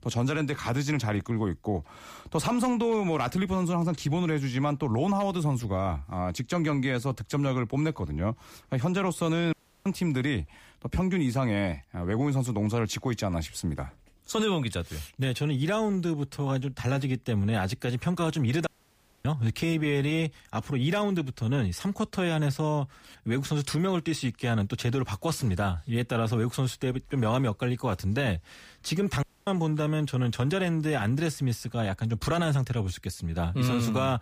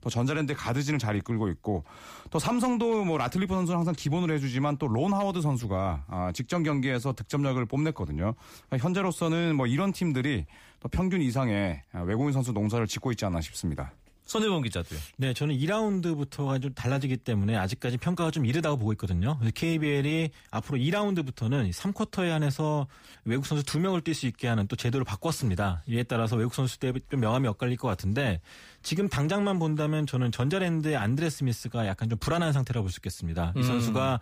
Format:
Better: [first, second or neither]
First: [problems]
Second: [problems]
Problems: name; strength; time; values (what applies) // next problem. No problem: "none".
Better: second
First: audio cutting out; at 9.5 s, at 19 s for 0.5 s and at 29 s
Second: none